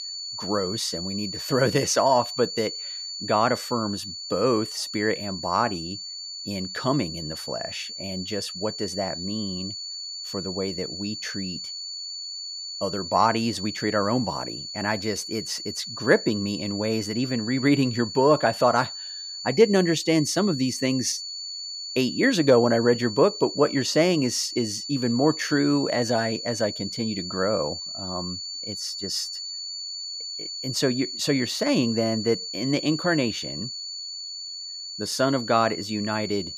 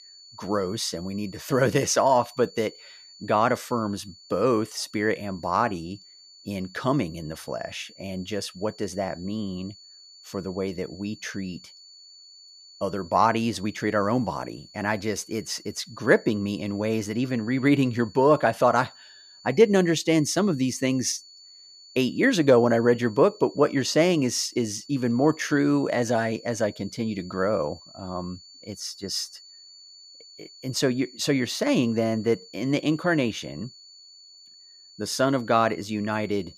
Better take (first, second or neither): second